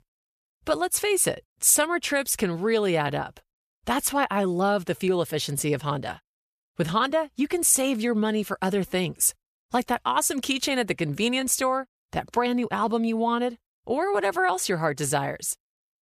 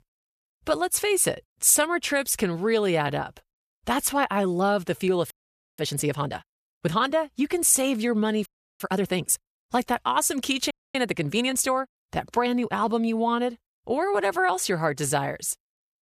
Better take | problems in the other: first | audio freezing; at 5.5 s, at 8.5 s and at 11 s

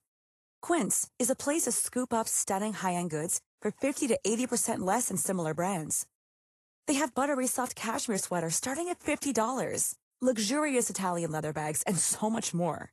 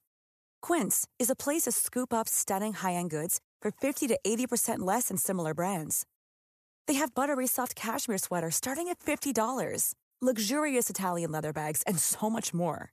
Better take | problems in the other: second | garbled, watery; slightly; nothing above 11.5 kHz

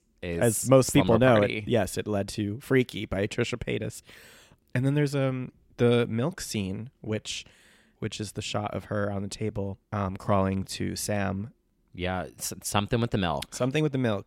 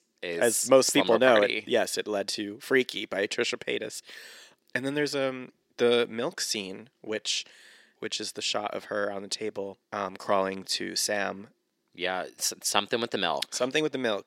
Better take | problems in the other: first | thin; somewhat; fading below 400 Hz

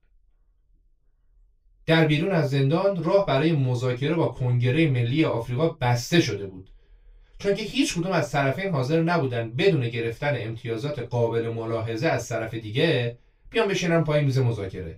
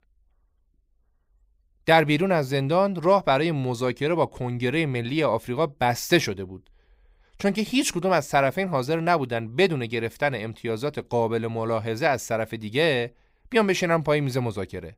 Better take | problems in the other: second | room echo; very slight; dies away in 0.1 s // off-mic speech; far

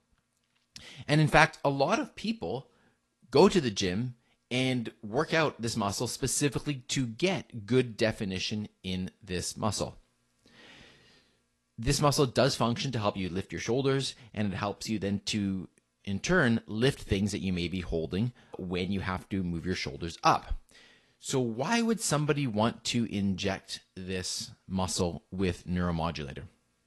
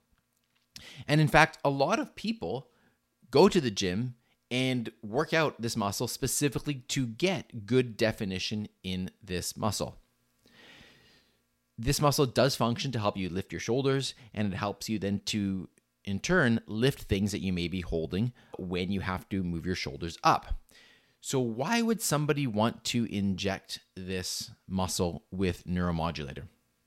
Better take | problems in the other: second | garbled, watery; slightly; nothing above 11.5 kHz

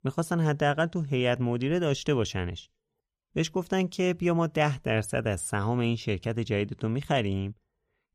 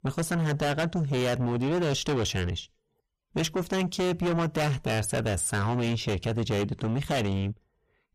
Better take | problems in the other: first | distortion; heavy; 5 dB below the speech

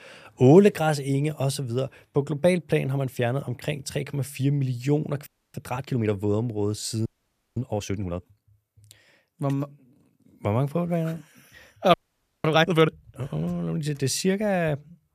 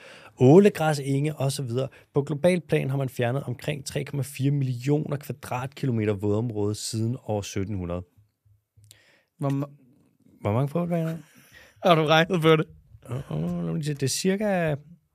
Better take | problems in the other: second | audio freezing; at 5.5 s, at 7 s for 0.5 s and at 12 s for 0.5 s

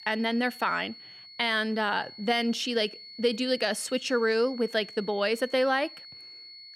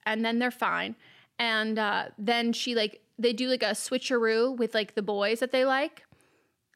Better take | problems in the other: second | high-pitched whine; noticeable; throughout; 4.5 kHz, 15 dB below the speech

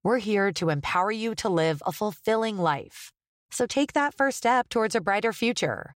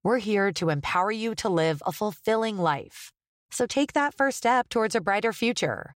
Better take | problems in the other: neither | none

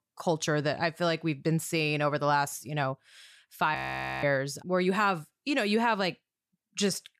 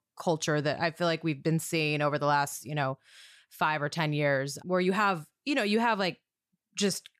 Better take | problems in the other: second | audio freezing; at 4 s

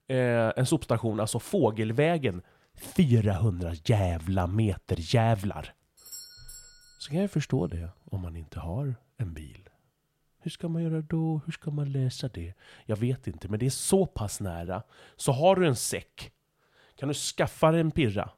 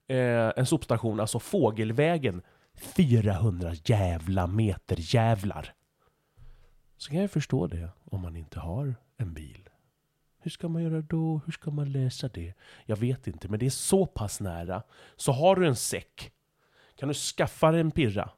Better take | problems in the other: second | doorbell; faint; at 6 s; peak 15 dB below the speech

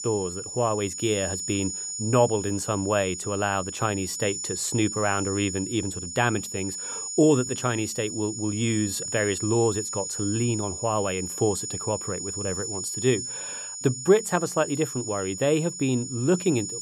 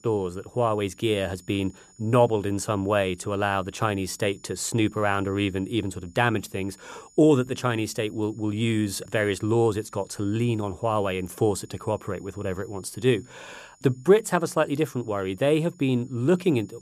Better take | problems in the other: second | high-pitched whine; loud; throughout; 7 kHz, 5 dB below the speech; faint in the second

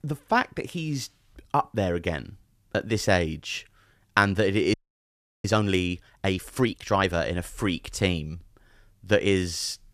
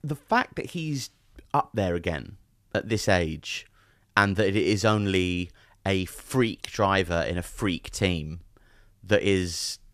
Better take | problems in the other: second | audio freezing; at 4.5 s for 0.5 s

